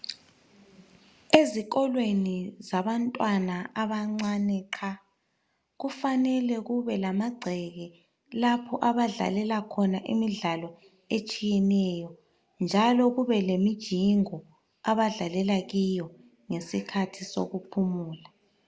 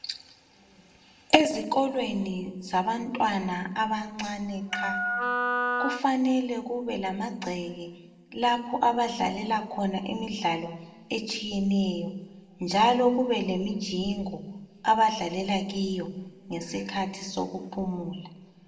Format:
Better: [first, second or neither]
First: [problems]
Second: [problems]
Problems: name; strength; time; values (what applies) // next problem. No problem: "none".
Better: first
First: none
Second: background sound (Wind instrument, woodwind instrument); 1 dB below the speech // room echo; dies away in 1.1 s